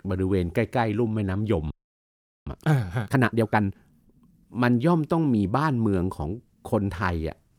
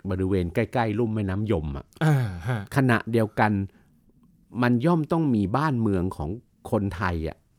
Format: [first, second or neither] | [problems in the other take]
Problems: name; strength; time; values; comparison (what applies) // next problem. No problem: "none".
second | audio freezing; at 1.5 s for 1 s